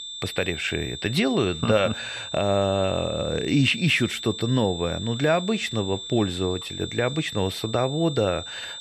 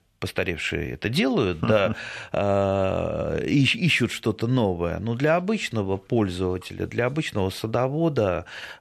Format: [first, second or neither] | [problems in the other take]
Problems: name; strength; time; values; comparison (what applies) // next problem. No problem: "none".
second | high-pitched whine; loud; throughout; 3.5 kHz, 9 dB below the speech